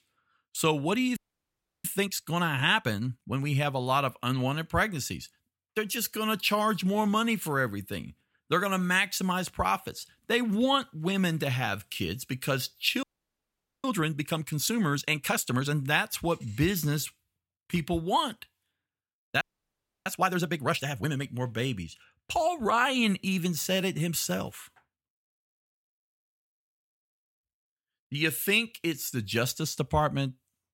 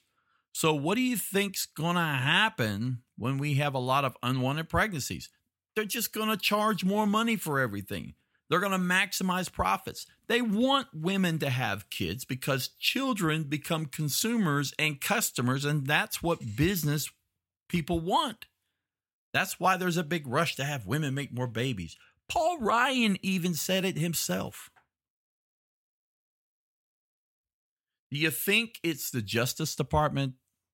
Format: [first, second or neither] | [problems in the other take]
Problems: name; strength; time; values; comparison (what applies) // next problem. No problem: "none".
second | audio freezing; at 1 s for 0.5 s, at 13 s for 1 s and at 19 s for 0.5 s